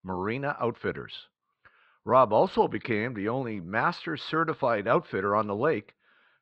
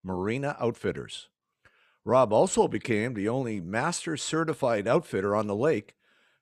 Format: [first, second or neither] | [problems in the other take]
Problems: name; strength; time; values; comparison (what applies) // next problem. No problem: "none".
second | muffled; very slightly; fading above 4.5 kHz